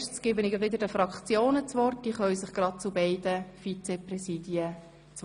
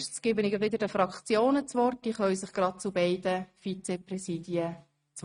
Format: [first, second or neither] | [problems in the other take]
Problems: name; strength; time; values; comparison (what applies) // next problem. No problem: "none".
first | noise reduction (neural mask model RNNoise)